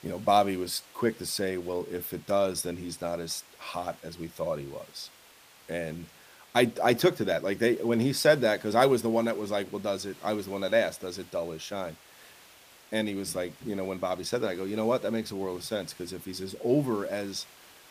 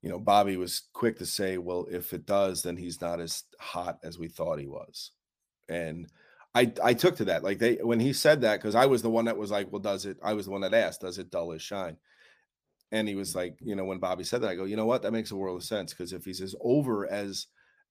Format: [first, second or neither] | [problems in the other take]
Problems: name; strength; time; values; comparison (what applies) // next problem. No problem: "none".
second | hiss; faint; throughout; 25 dB below the speech